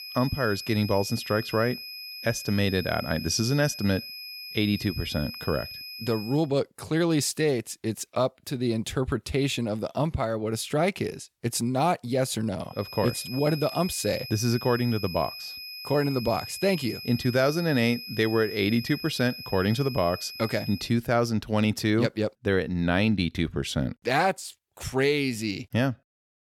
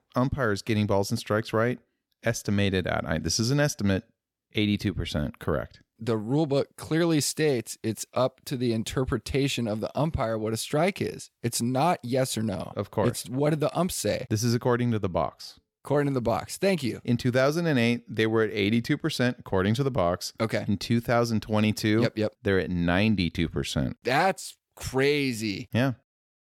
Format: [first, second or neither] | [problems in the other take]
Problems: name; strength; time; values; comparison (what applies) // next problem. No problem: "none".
second | high-pitched whine; noticeable; until 6.5 s and from 13 to 21 s; 5 kHz, 10 dB below the speech